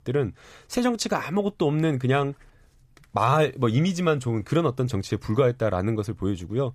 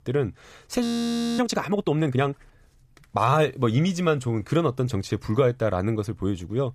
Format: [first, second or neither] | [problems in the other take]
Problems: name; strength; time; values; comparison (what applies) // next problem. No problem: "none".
first | audio freezing; at 1 s for 0.5 s